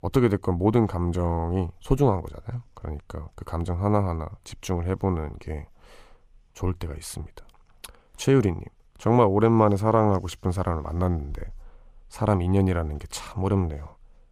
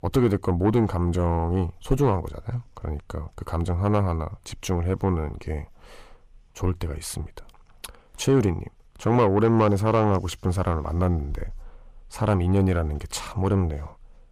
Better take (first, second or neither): first